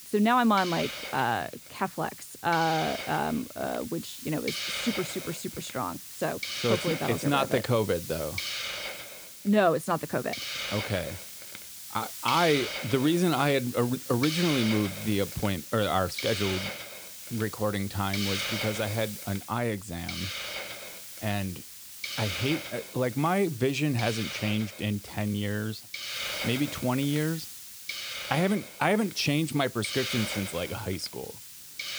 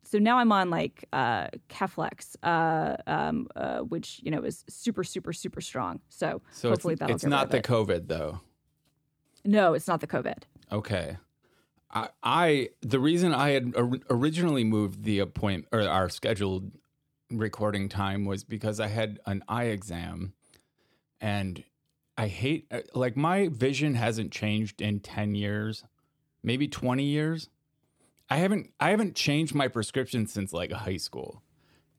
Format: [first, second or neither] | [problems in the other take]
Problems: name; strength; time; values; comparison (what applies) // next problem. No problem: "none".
second | hiss; loud; throughout; 7 dB below the speech